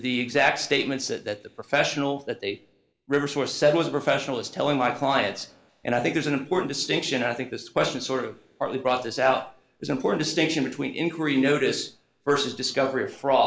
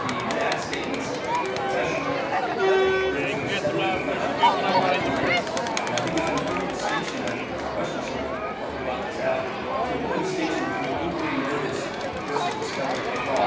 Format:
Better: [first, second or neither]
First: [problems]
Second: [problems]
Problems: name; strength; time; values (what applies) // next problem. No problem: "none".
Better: first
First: none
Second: background sound (Crowd); 5 dB above the speech // room echo; dies away in 0.9 s